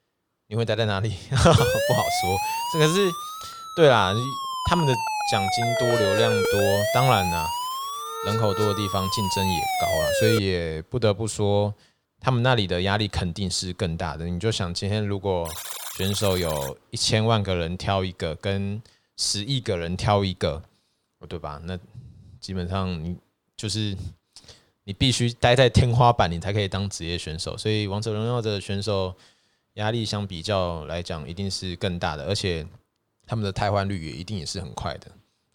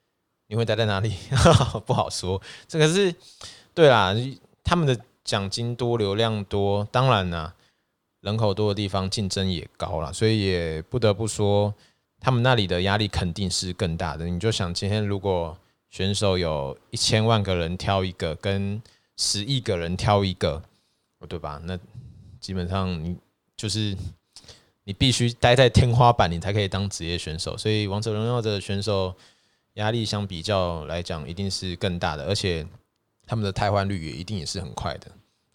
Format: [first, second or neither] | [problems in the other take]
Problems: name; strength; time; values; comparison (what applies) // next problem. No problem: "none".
second | siren; loud; from 1.5 to 10 s; peak 2 dB above the speech // alarm; noticeable; from 15 to 17 s; peak 6 dB below the speech